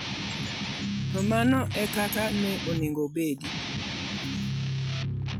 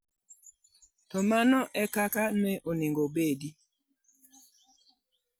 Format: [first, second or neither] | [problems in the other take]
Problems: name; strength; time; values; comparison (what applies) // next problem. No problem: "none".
second | background sound (Guitar); 1 dB below the speech